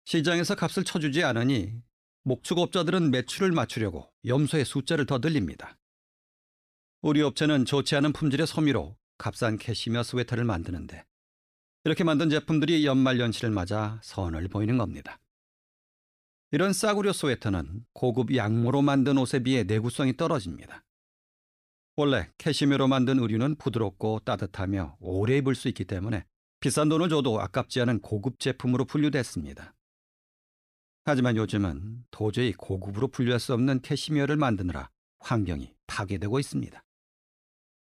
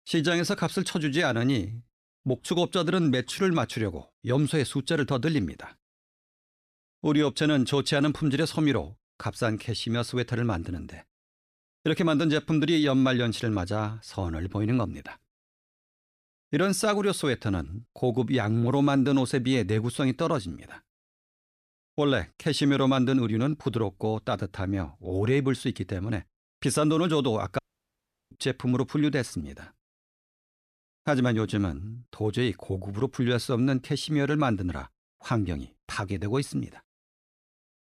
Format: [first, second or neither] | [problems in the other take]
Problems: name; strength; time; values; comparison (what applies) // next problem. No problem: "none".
first | audio cutting out; at 28 s for 0.5 s